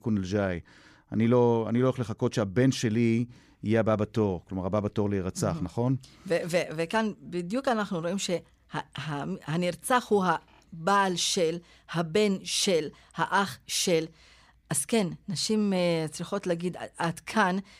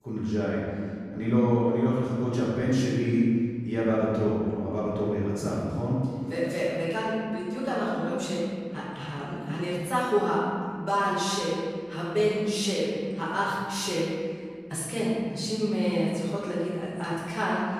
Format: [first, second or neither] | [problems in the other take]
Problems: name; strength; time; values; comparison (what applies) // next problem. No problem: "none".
first | room echo; strong; dies away in 2 s // off-mic speech; far